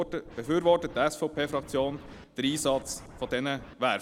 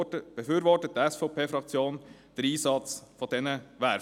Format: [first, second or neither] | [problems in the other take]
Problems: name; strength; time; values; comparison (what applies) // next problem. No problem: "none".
second | background sound (Scratching (performance technique)); 19 dB below the speech